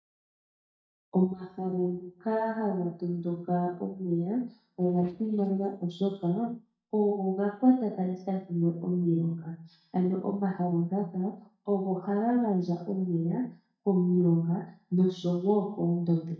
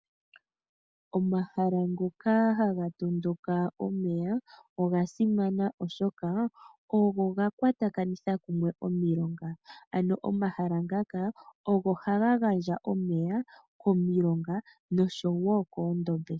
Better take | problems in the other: second | noise reduction (neural mask model DeepFilterNet 3)

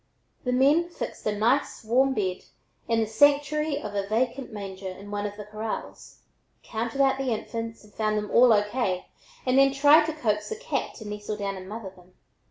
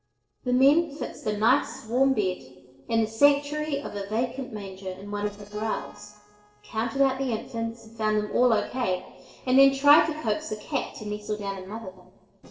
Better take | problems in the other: first | noise reduction (neural separator model SepFormer DNS4)

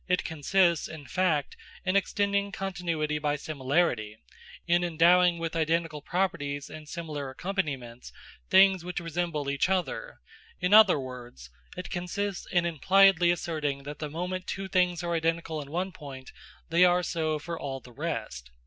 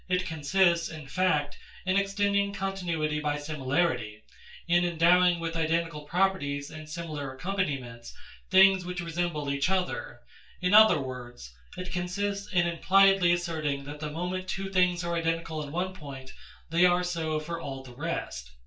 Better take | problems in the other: first | room echo; dies away in 0.2 s

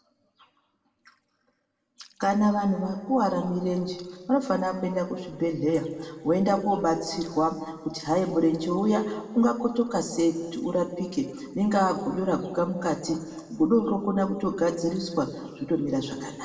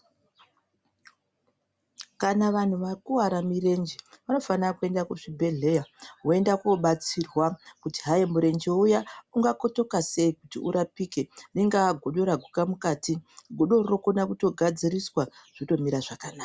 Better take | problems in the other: second | room echo; dies away in 1.7 s

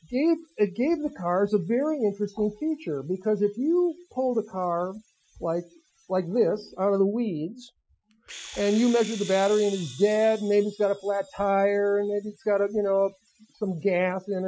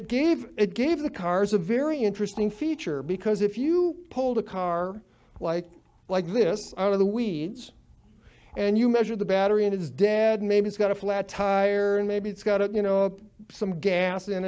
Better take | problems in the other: second | noise reduction (classical method Wiener filter)

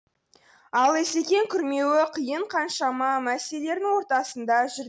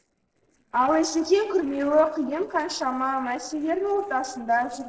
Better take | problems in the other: first | noise reduction (neural separator model SepFormer DNS4)

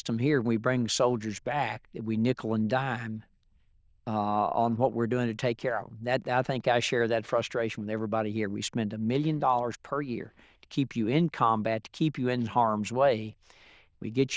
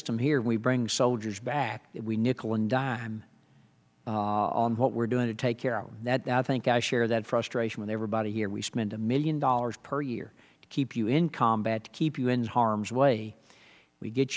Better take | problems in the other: second | noise reduction (neural diffusion model UNIVERSE++)

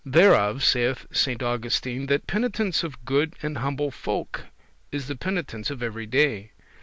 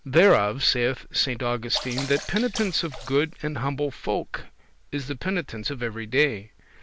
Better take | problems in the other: first | background sound (Sink (filling or washing) / Water / Splash, splatter); 12 dB below the speech

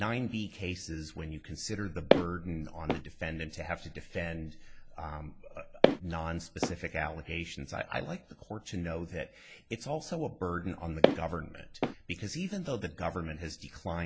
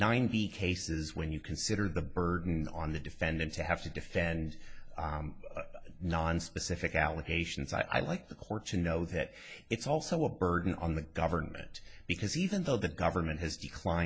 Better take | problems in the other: second | background sound (Walk, footsteps); 4 dB above the speech

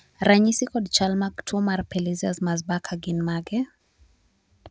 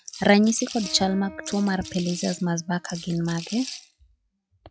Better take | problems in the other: first | noise reduction (classical method log-MMSE)

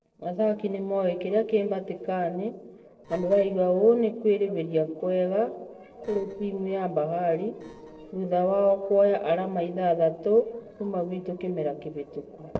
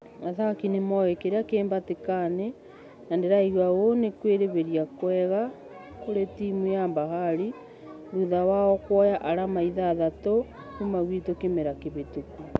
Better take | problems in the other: second | noise reduction (neural separator model SepFormer DNS4)

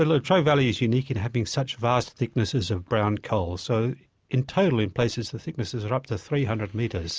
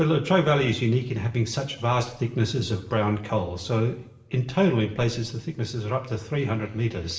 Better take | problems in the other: first | room echo; dies away in 1 s

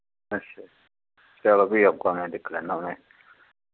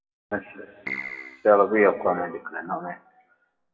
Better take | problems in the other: first | noise reduction (classical method WPE with log-MMSE)

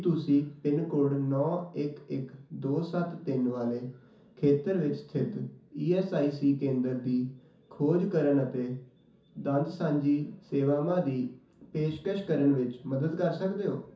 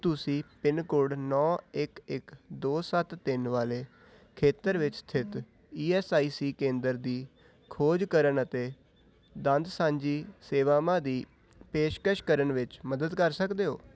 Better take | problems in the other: second | room echo; dies away in 0.9 s

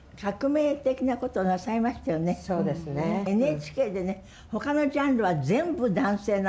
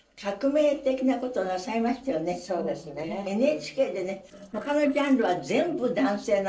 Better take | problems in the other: first | noise reduction (neural separator model SepFormer DNS4)

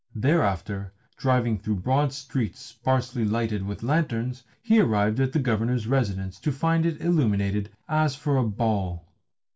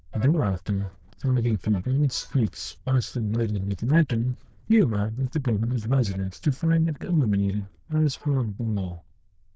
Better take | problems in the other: first | noise reduction (neural diffusion model UNIVERSE++)

